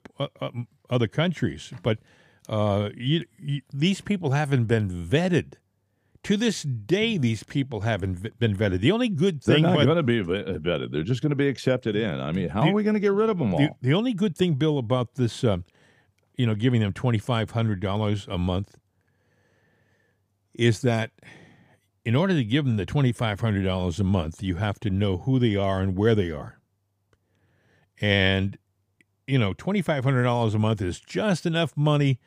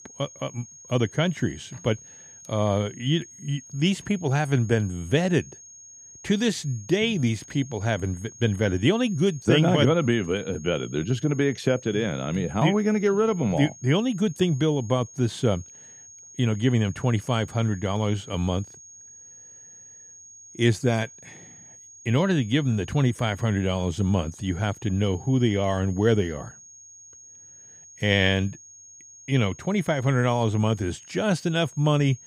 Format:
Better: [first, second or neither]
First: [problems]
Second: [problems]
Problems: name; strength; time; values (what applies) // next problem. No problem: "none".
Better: first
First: none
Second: high-pitched whine; noticeable; throughout; 6.5 kHz, 20 dB below the speech